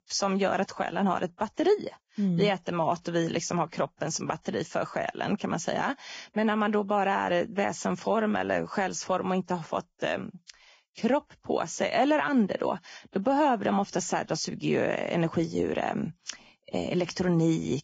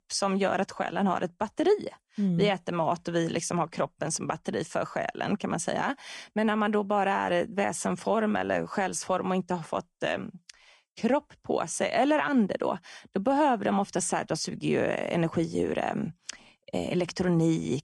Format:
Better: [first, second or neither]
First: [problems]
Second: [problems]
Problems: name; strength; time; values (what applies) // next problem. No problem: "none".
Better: second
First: garbled, watery; badly; nothing above 7.5 kHz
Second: garbled, watery; slightly